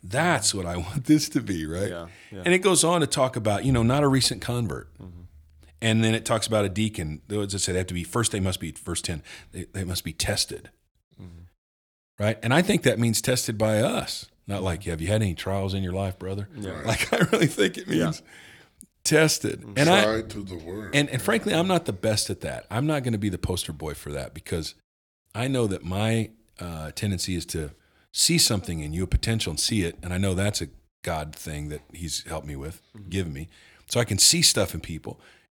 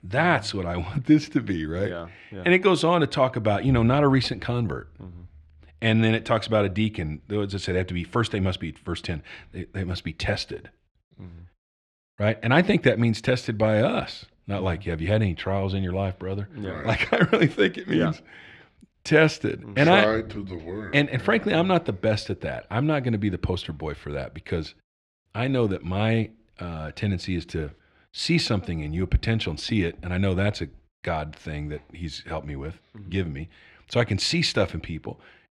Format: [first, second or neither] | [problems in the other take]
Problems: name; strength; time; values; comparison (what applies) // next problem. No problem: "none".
first | muffled; slightly; fading above 2.5 kHz